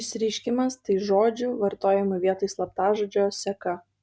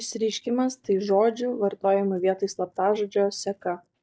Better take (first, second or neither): first